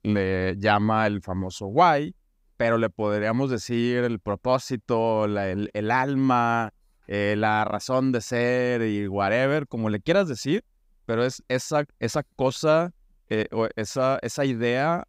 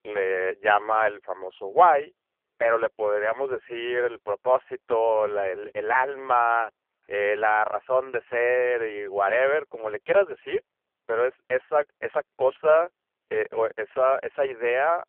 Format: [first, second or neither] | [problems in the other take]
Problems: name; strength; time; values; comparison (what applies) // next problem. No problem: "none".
first | phone-call audio; poor line